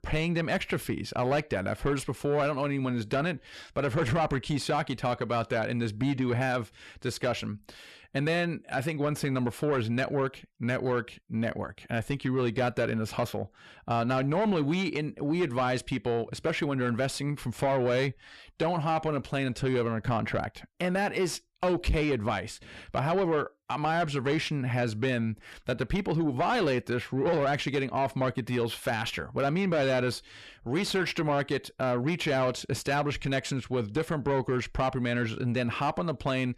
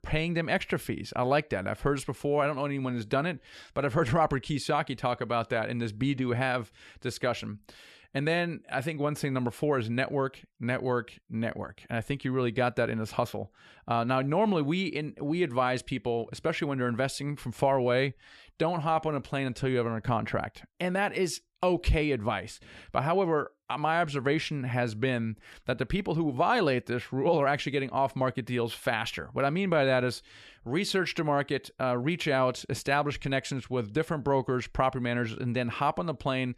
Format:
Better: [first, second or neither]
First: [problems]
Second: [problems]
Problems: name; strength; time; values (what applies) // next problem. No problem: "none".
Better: second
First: distortion; slight; 10 dB below the speech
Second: none